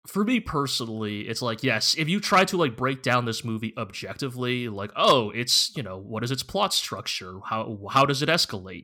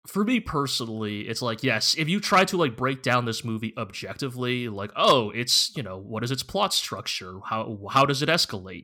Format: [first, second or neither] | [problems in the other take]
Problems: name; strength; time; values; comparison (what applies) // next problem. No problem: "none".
neither | none